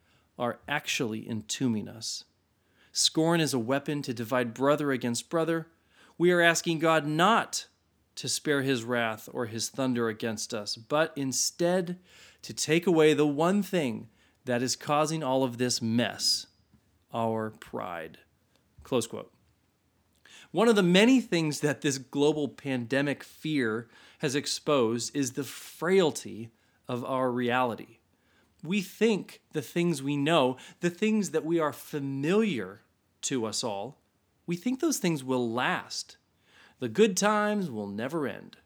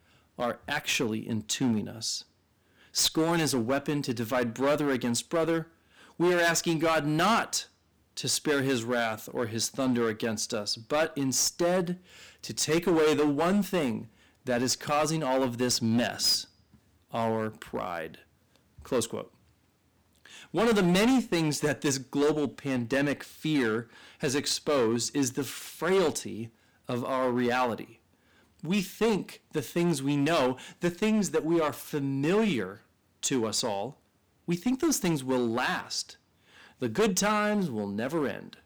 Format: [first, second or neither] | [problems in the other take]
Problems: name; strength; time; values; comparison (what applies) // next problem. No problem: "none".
first | distortion; heavy; 8% of the sound clipped